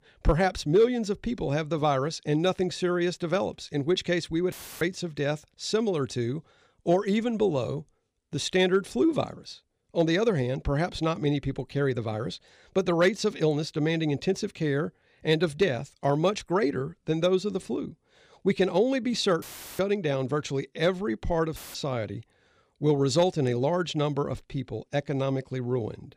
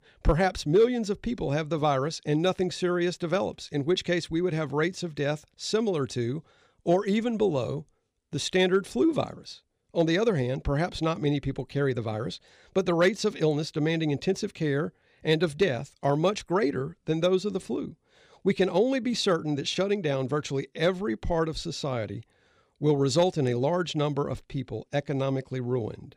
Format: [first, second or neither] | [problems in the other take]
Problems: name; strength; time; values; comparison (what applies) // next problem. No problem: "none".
second | audio cutting out; filled with static; at 4.5 s, at 19 s and at 22 s